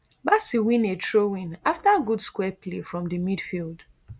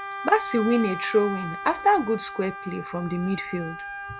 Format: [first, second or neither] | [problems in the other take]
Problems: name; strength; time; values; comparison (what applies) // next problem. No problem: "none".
first | background sound (Wind instrument, woodwind instrument); 10 dB below the speech